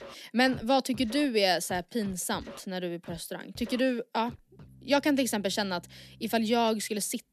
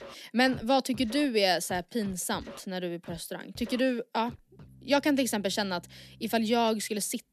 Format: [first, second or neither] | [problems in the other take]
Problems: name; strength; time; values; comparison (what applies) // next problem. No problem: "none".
neither | background music; faint; throughout; 20 dB below the speech; the same in both